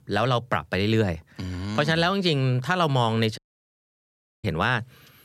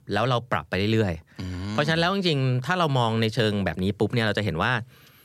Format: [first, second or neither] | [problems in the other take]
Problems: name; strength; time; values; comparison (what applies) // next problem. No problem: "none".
second | audio cutting out; at 3.5 s for 1 s